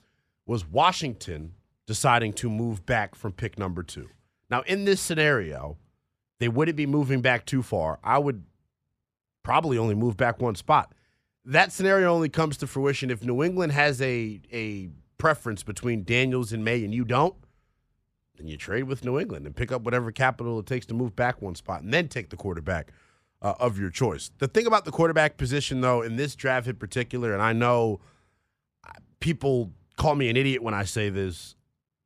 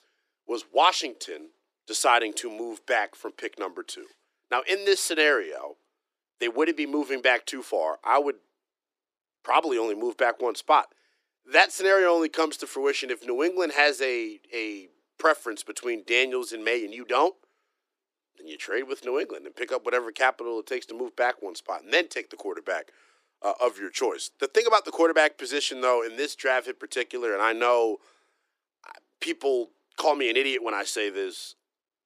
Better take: first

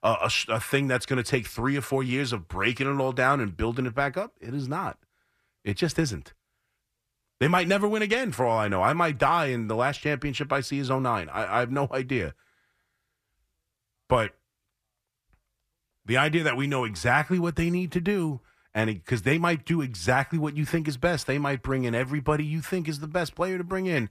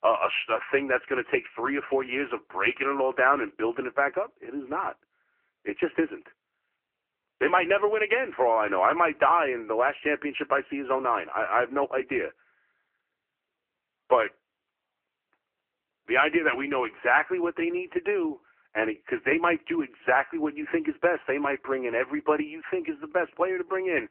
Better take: first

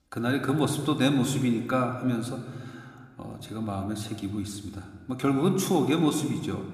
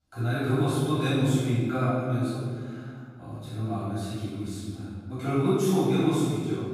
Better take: first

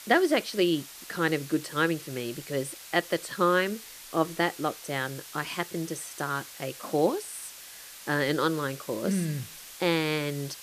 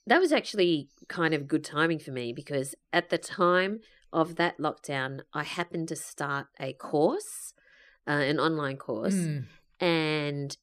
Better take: second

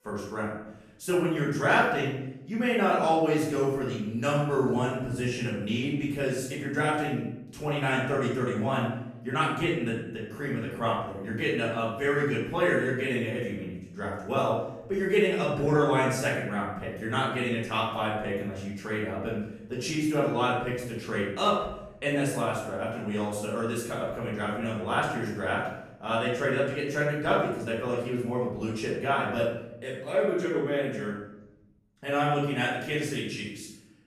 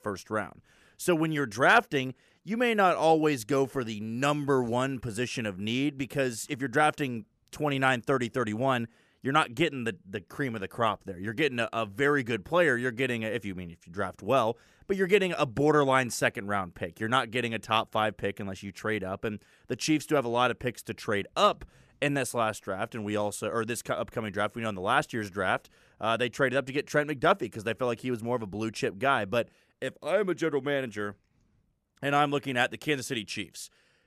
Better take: second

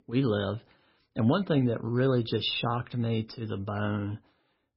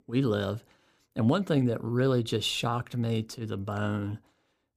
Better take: second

